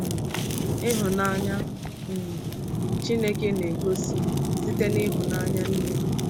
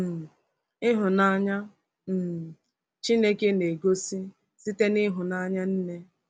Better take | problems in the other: second | background sound (Fire); 3 dB above the speech

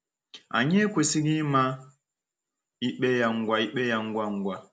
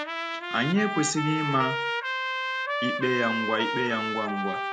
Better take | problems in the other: first | background sound (Trumpet); 1 dB below the speech

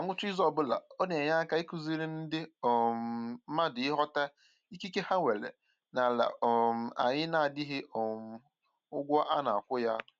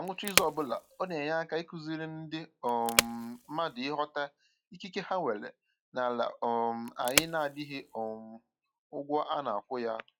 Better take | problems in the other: first | noise reduction (classical method log-MMSE)

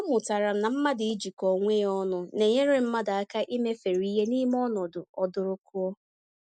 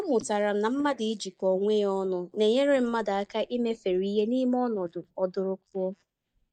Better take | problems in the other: first | noise reduction (neural mask model DeepFilterNet 3)

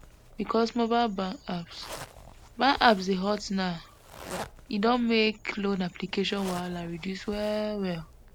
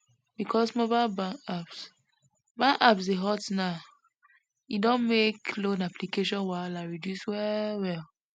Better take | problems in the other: second | background sound (Zipper (clothing)); 17 dB below the speech

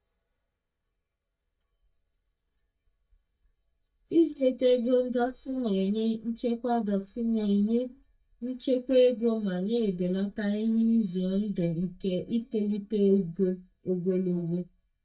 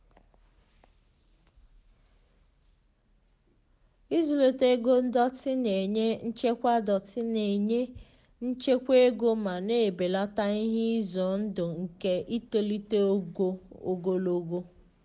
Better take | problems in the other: second | noise reduction (neural mask model DeepFilterNet 3)

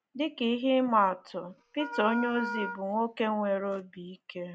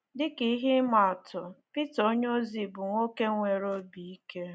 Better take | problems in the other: second | background sound (Wind instrument, woodwind instrument); 9 dB below the speech

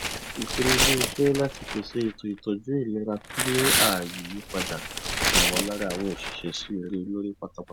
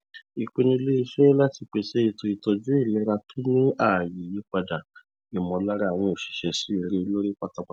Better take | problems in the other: second | background sound (Tearing); 1 dB above the speech

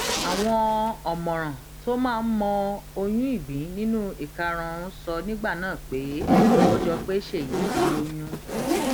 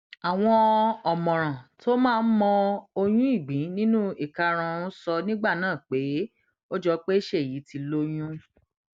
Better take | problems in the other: second | background sound (Zipper (clothing)); as loud as the speech

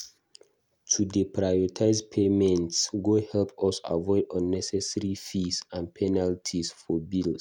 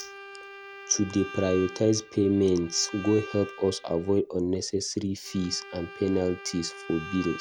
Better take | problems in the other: first | background sound (Bowed string instrument); 16 dB below the speech

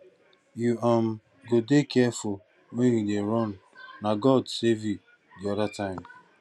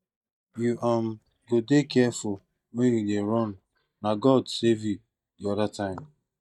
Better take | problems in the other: first | noise reduction (neural mask model DeepFilterNet 3)

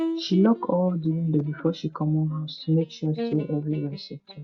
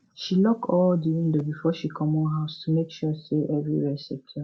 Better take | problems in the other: second | noise reduction (neural mask model DeepFilterNet 3)

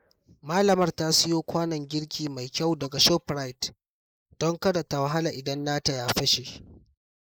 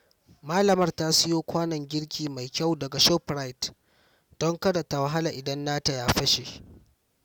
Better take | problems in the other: second | noise reduction (neural mask model Resemble Enhance denoiser)

